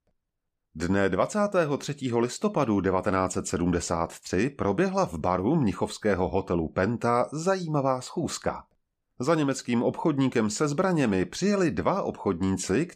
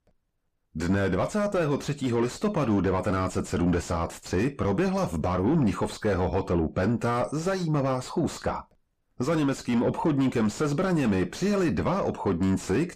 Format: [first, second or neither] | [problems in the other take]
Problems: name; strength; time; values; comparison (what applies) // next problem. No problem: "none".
first | distortion; heavy; 6 dB below the speech